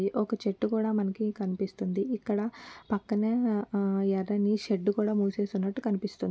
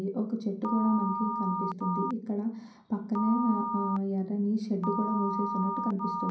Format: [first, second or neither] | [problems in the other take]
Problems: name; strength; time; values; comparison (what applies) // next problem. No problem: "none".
first | background sound (Telephone); 5 dB below the speech // room echo; dies away in 0.6 s